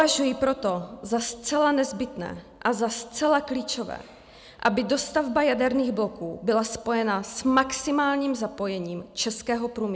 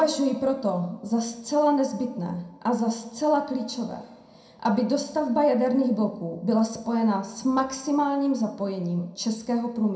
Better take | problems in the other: first | room echo; dies away in 0.4 s

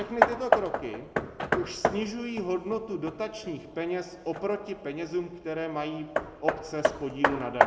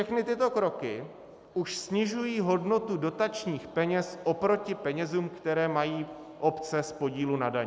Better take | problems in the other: second | background sound (Hammer); 2 dB above the speech // room echo; dies away in 1 s

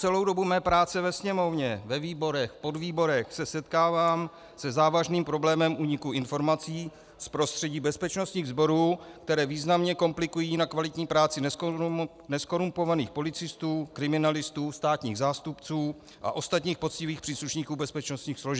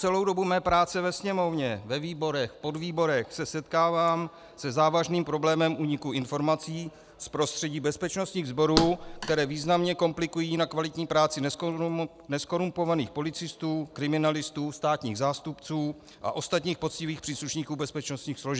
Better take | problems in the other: first | background sound (Thump, thud); 6 dB below the speech

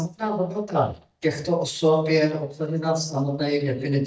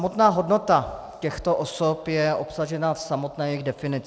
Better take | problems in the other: second | noise reduction (neural mask model DeepFilterNet 3)

